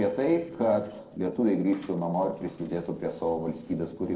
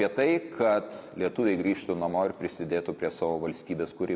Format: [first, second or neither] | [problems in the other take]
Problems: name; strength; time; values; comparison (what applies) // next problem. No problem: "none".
second | noise reduction (neural separator model SepFormer DNS4)